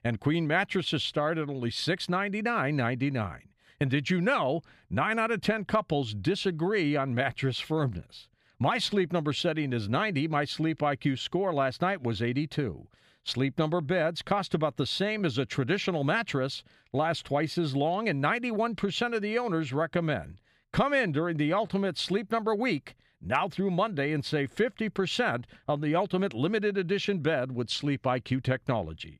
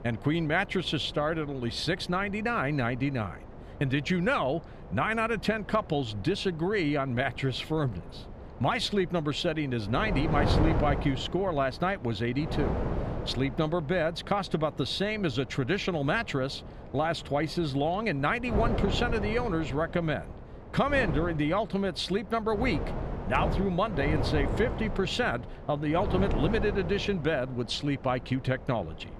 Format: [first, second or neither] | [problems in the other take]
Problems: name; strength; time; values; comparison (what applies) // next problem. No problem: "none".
first | wind noise on the microphone; occasional gusts; 10 dB below the speech